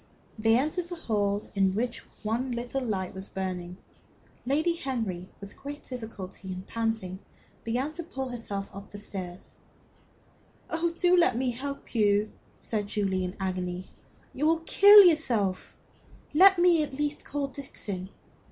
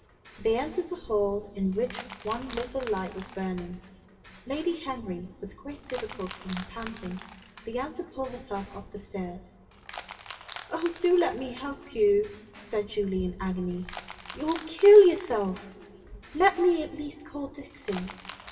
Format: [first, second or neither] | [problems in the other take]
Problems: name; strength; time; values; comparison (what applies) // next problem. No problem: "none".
first | background sound (Crushing); 19 dB below the speech // room echo; dies away in 2.8 s